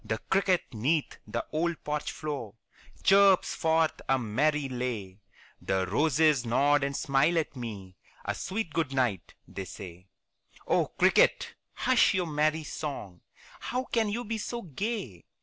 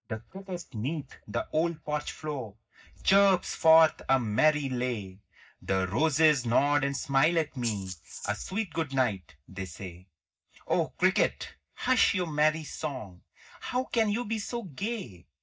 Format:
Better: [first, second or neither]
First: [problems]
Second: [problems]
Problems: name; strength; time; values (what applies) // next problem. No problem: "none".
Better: first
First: none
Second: noise reduction (neural mask model DeepFilterNet 3)